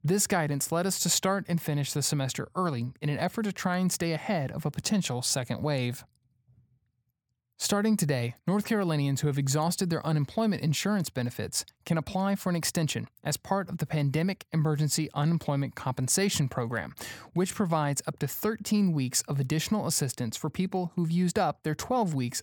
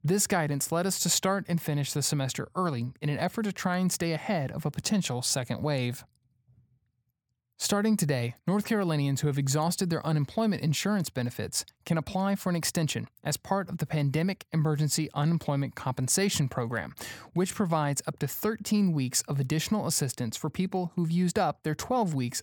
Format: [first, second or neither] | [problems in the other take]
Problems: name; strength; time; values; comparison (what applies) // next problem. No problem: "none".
neither | none